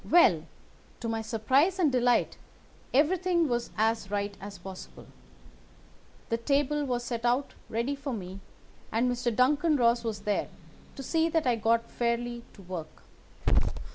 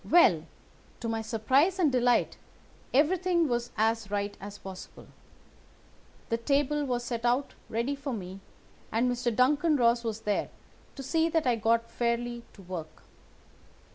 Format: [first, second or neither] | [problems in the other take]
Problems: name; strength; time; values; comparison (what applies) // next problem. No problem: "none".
second | background sound (Growling / Hiss); 7 dB below the speech